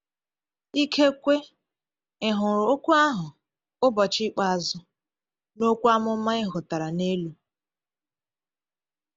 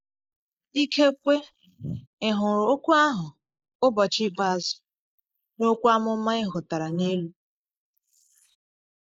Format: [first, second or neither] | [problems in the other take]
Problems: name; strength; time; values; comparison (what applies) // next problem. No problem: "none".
first | noise reduction (neural mask model Resemble Enhance denoiser)